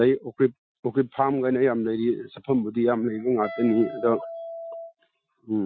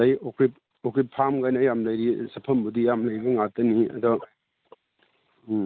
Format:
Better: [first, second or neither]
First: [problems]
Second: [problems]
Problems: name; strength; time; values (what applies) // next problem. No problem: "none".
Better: second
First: noise reduction (classical method Wiener filter)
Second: none